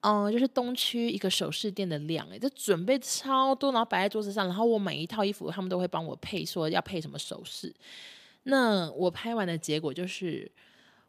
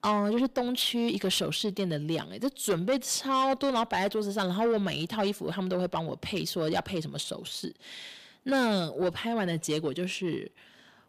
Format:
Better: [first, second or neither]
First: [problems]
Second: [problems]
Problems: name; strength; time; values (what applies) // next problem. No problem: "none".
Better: first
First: none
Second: distortion; slight; 10 dB below the speech